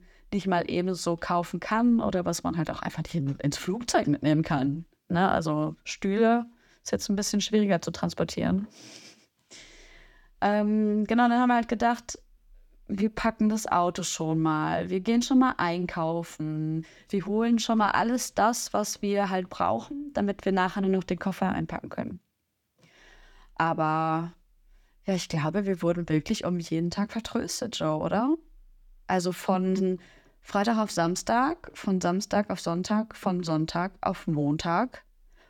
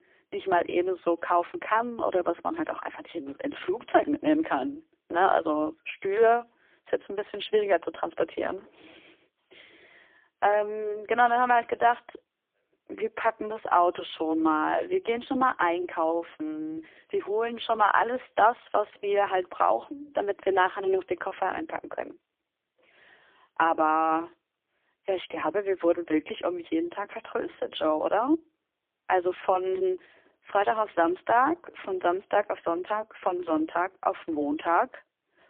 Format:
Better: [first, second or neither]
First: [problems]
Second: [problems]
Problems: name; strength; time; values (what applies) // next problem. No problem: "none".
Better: first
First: none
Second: phone-call audio; poor line